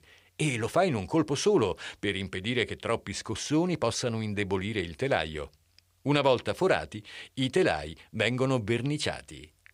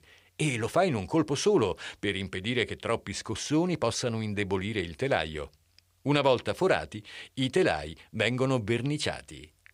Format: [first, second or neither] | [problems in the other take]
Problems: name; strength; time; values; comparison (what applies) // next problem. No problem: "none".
neither | none